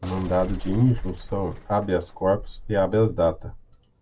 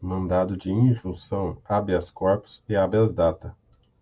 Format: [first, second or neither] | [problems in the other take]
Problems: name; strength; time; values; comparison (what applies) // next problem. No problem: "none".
second | background sound (Bus / Engine); 11 dB below the speech